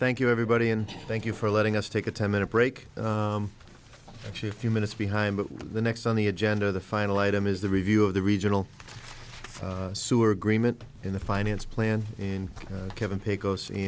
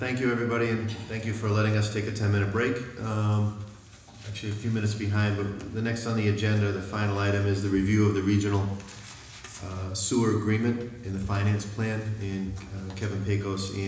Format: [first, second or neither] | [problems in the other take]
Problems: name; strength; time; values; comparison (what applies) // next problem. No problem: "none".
first | room echo; dies away in 1 s